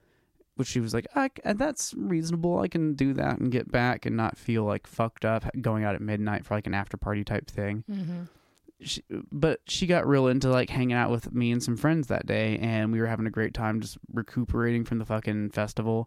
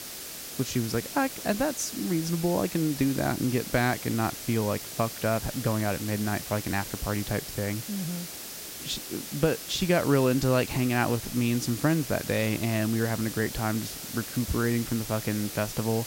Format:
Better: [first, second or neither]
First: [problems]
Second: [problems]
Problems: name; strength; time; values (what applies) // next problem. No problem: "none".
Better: first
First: none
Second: hiss; loud; throughout; 8 dB below the speech